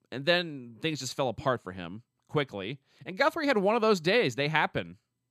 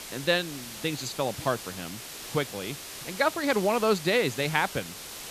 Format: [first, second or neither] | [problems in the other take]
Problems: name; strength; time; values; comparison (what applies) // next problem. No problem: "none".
first | hiss; noticeable; throughout; 10 dB below the speech